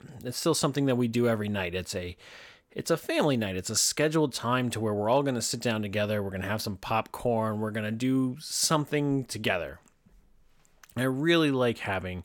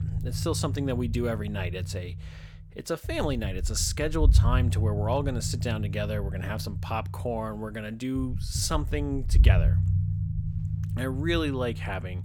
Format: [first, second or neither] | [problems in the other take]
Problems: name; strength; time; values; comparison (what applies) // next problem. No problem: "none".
first | low rumble; noticeable; throughout; 10 dB below the speech